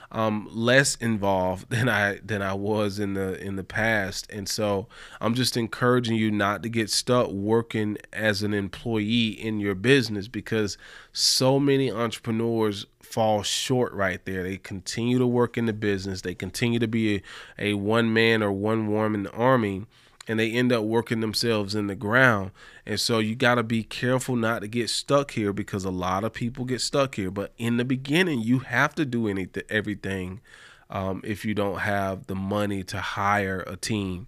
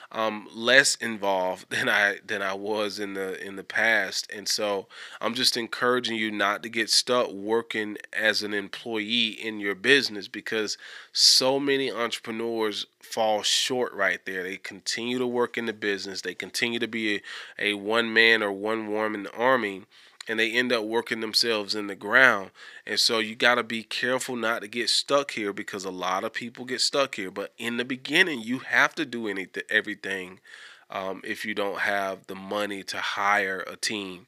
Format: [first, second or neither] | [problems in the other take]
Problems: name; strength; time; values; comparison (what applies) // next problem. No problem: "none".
first | thin; somewhat; fading below 350 Hz